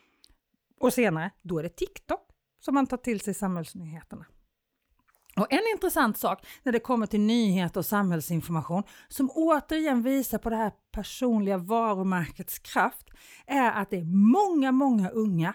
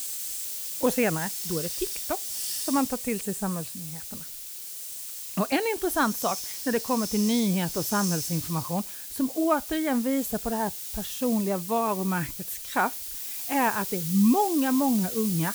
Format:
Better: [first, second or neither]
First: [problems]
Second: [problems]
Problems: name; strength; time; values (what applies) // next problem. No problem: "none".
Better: first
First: none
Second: hiss; loud; throughout; 5 dB below the speech